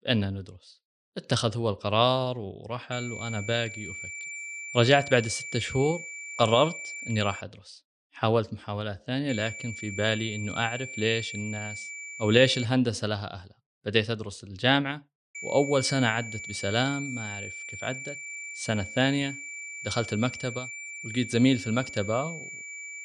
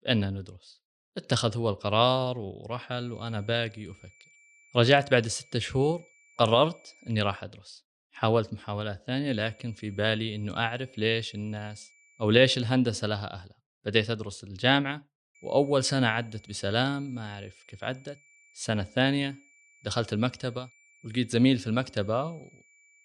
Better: second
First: high-pitched whine; loud; from 3 to 7.5 s, from 9.5 to 13 s and from 15 s on; 2.5 kHz, 9 dB below the speech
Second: high-pitched whine; faint; from 3 to 7.5 s, from 9.5 to 13 s and from 15 s on; 2.5 kHz, 30 dB below the speech

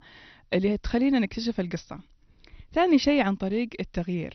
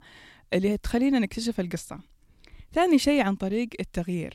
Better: second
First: garbled, watery; slightly; nothing above 6 kHz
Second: none

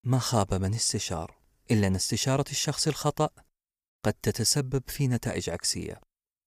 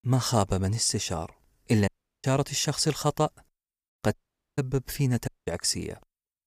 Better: first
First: none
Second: audio cutting out; at 2 s, at 4 s and at 5.5 s

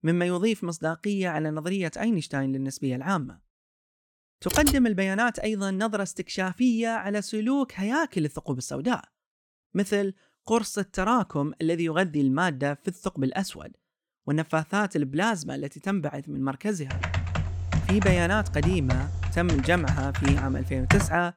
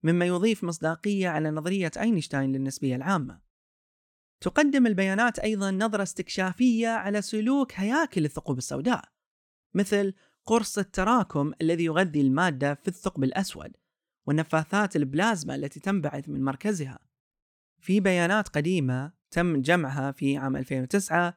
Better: second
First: keyboard typing; loud; at 4.5 s and from 17 s on; peak 3 dB above the speech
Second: none

